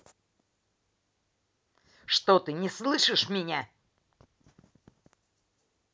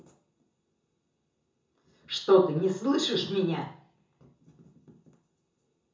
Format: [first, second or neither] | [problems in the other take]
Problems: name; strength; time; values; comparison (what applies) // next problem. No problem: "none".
first | room echo; dies away in 0.6 s